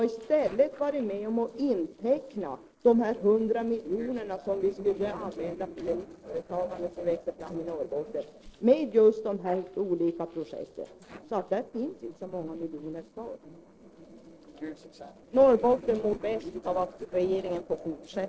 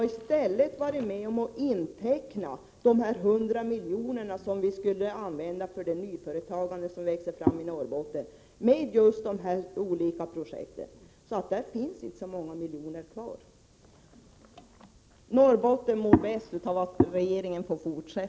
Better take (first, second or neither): second